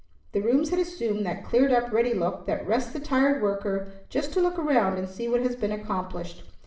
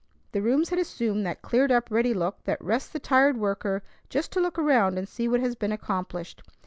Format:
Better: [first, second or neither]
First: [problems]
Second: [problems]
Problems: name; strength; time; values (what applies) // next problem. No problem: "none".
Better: second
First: room echo; dies away in 0.6 s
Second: none